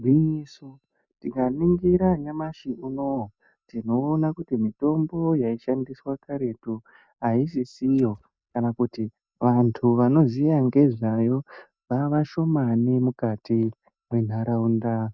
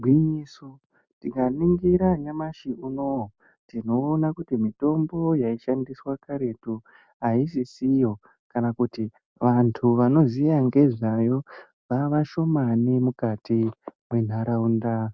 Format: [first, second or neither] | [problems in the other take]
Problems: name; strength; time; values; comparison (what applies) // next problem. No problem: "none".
second | noise reduction (neural mask model DeepFilterNet 3)